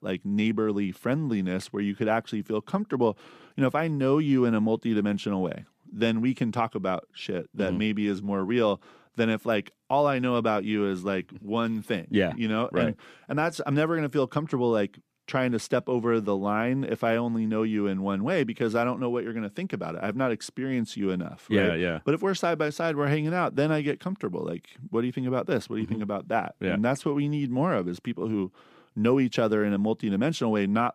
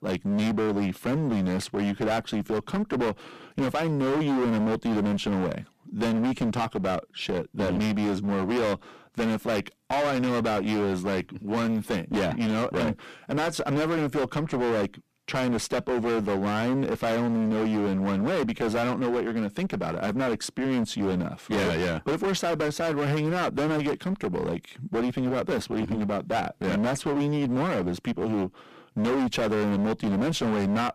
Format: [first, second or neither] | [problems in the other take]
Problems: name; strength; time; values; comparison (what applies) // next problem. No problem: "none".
first | distortion; heavy; 29% of the sound clipped